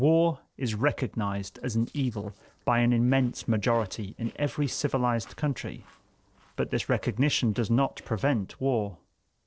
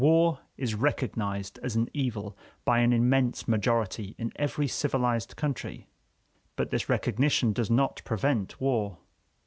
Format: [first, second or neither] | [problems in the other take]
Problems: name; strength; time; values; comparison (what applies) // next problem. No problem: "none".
second | noise reduction (neural separator model SepFormer DNS4)